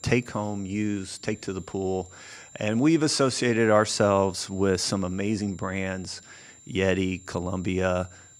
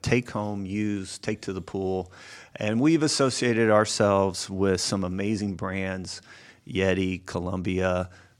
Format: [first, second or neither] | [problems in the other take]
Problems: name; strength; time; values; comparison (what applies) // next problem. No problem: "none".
second | high-pitched whine; faint; throughout; 7.5 kHz, 25 dB below the speech